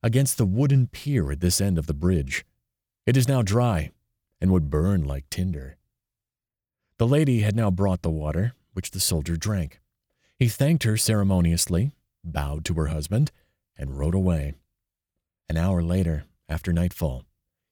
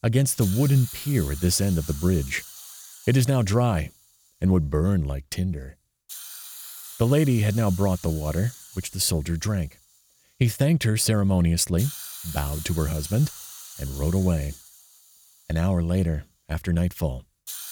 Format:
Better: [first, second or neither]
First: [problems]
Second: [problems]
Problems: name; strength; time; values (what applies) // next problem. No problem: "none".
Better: first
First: none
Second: hiss; noticeable; throughout; 15 dB below the speech